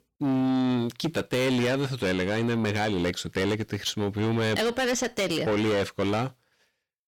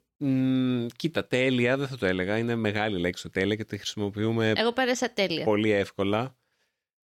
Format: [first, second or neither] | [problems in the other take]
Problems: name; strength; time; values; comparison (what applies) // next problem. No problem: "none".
second | distortion; heavy; 7 dB below the speech